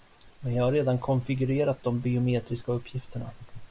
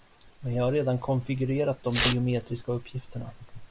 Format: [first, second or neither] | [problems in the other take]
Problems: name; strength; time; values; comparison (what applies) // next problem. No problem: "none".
first | background sound (Tearing); 5 dB below the speech